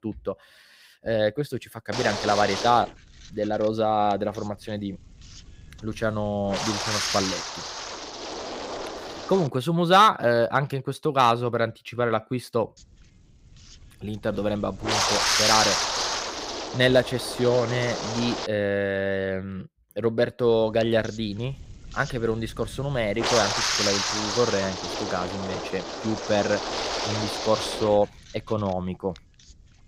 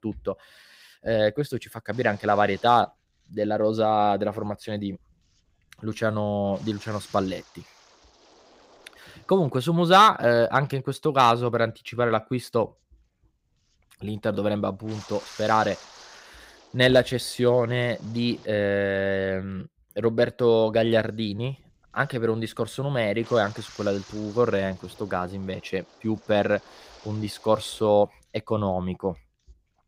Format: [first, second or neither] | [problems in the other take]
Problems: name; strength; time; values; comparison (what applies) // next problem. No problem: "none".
second | wind noise on the microphone; heavy; from 2 to 9.5 s, from 13 to 18 s and from 20 s on; 2 dB below the speech; occasional gusts in the second